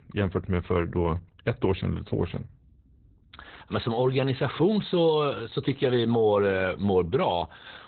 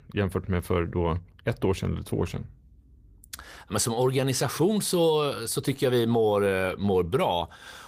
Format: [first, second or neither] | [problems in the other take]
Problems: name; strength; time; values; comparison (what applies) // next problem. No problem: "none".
second | garbled, watery; badly; nothing above 4 kHz; slightly in the second